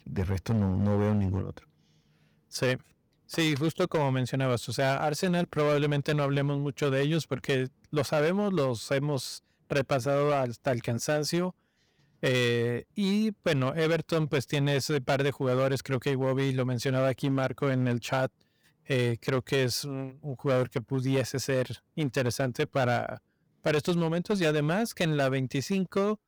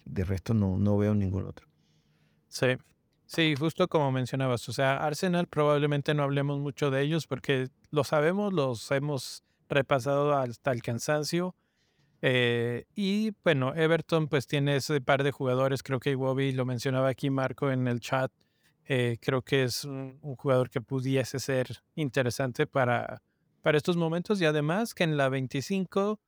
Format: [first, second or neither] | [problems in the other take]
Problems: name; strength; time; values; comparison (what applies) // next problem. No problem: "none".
second | distortion; slight; 9% of the sound clipped